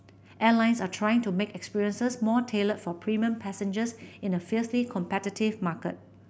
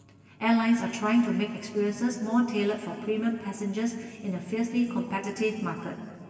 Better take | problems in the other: first | room echo; dies away in 2.6 s

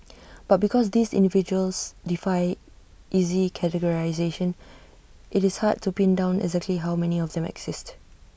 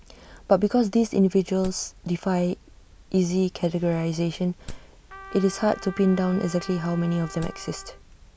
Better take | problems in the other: first | background sound (Trumpet + Wood); 16 dB below the speech

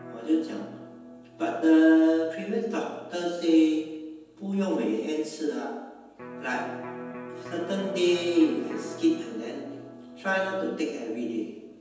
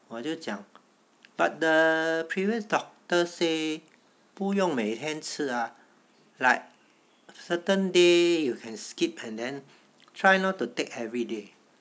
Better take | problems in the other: second | background sound (Electric guitar); 17 dB below the speech // room echo; dies away in 1.1 s

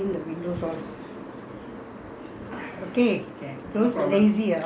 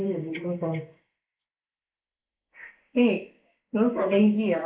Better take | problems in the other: first | noise reduction (neural mask model Resemble Enhance denoiser)

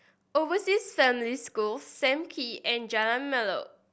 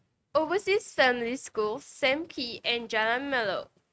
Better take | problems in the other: first | noise reduction (neural mask model RNNoise)

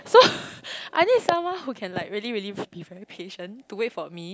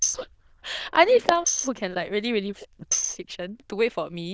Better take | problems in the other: first | noise reduction (neural diffusion model UNIVERSE++)

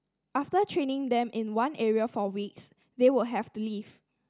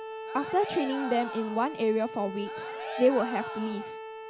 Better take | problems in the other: first | background sound (Cheering + Bowed string instrument); 8 dB below the speech

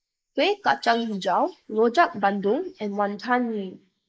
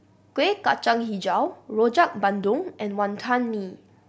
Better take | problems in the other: second | noise reduction (neural mask model Resemble Enhance denoiser)

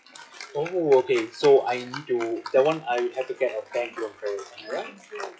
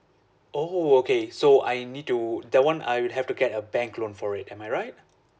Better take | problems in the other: second | noise reduction (classical method log-MMSE)

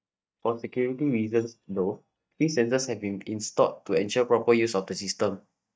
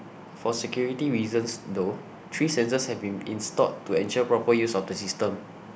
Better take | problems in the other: second | noise reduction (neural mask model DeepFilterNet 3)

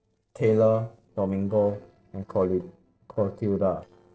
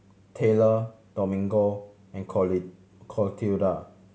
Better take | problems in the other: second | noise reduction (neural separator model SepFormer DNS4)

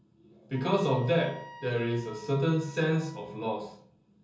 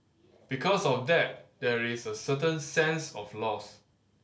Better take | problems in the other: second | background sound (Wind instrument, woodwind instrument); 19 dB below the speech // room echo; dies away in 0.6 s

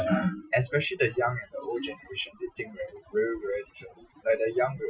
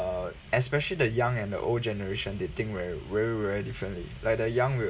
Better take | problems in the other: second | noise reduction (classical method Wiener filter)

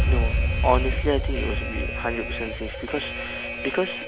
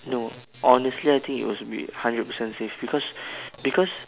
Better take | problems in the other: second | background sound (Alarm); 3 dB above the speech

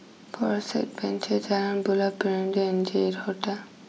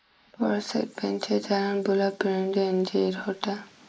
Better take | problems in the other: first | noise reduction (neural mask model Resemble Enhance denoiser)

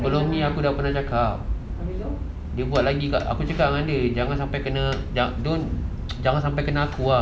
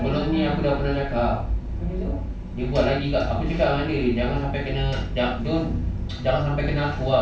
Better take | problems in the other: first | room echo; dies away in 0.3 s

